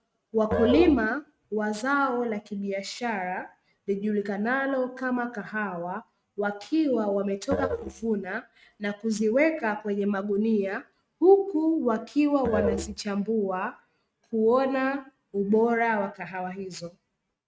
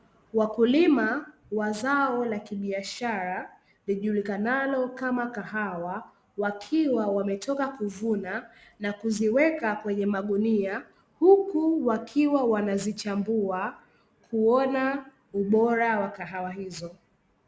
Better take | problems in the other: second | noise reduction (neural mask model RNNoise)

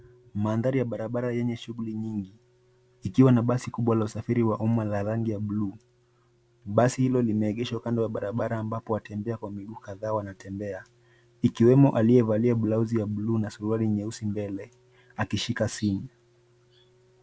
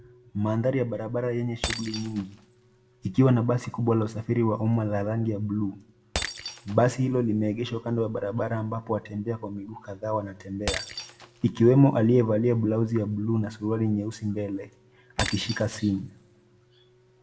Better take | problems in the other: first | background sound (Shatter); 15 dB below the speech // room echo; dies away in 0.5 s

